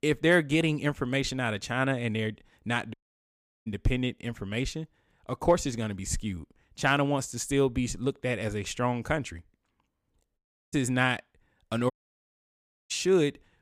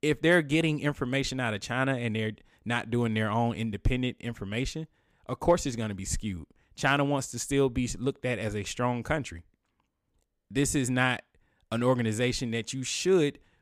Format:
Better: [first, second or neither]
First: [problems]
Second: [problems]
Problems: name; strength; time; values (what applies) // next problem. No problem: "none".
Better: second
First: audio cutting out; at 3 s for 0.5 s, at 10 s and at 12 s for 1 s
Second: none